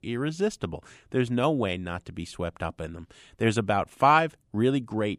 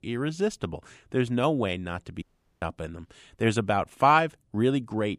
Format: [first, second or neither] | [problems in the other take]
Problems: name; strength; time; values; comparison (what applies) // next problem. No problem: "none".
first | audio cutting out; at 2 s